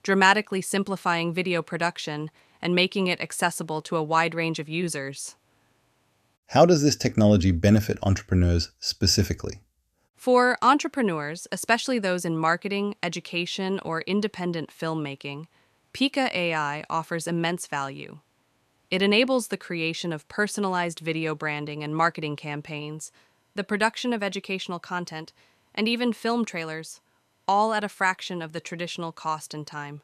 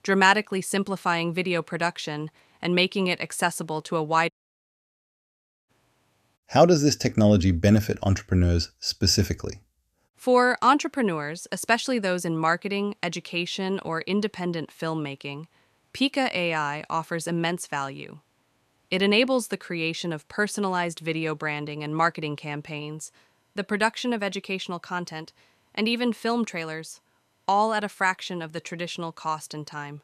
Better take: first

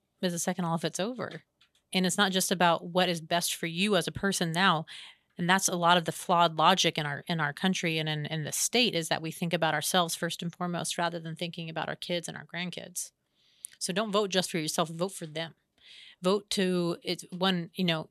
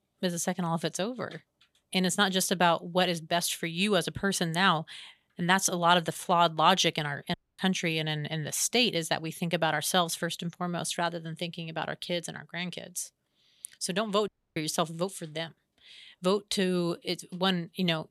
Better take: first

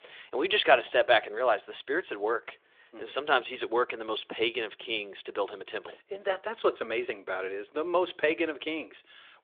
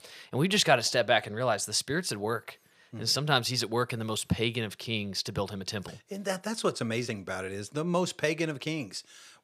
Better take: second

